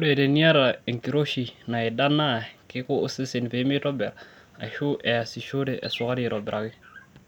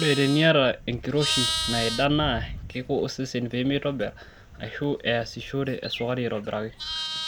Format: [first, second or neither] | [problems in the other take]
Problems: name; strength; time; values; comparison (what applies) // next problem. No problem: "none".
first | background sound (Livestock, farm animals, working animals); 8 dB below the speech